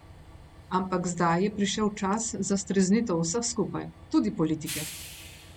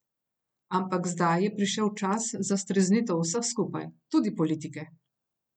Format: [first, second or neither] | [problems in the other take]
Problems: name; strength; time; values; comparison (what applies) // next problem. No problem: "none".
second | background sound (Train); 17 dB below the speech